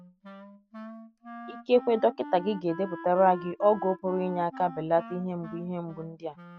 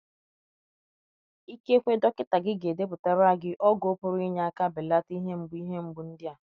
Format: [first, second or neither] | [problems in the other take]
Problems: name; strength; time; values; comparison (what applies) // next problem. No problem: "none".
second | background sound (Wind instrument, woodwind instrument); 15 dB below the speech